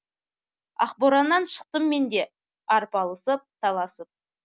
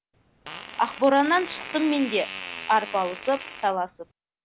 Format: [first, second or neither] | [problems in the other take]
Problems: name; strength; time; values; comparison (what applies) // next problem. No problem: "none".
first | background sound (Fart); 13 dB below the speech